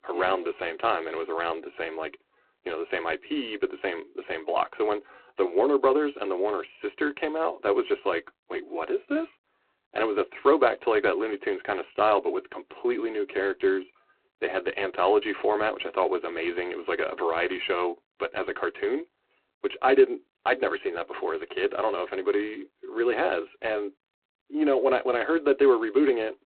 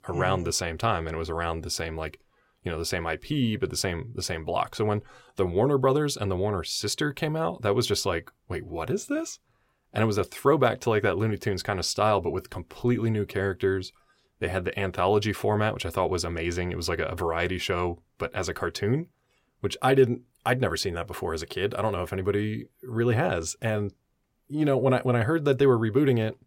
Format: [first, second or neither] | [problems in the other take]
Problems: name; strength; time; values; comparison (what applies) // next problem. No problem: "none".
second | phone-call audio; poor line; nothing above 4 kHz